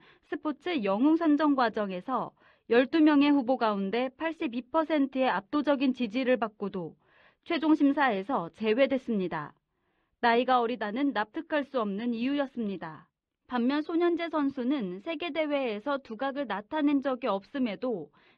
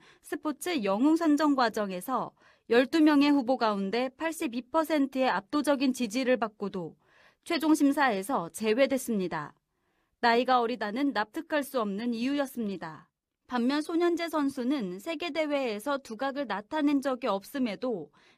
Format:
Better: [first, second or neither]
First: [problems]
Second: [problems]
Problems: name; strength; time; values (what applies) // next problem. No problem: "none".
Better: second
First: muffled; slightly; fading above 3.5 kHz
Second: none